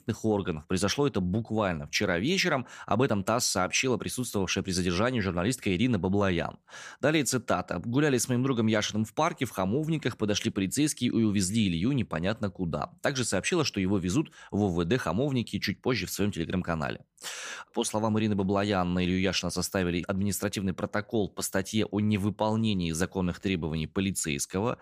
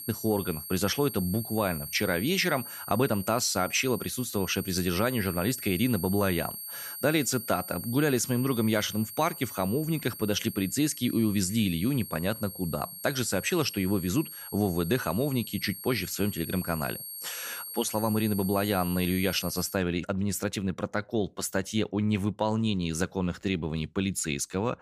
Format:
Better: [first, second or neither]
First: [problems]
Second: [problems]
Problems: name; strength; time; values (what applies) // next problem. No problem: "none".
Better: first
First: none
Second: high-pitched whine; loud; until 20 s; 11.5 kHz, 9 dB below the speech